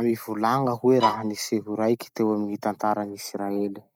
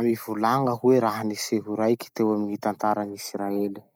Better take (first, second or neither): second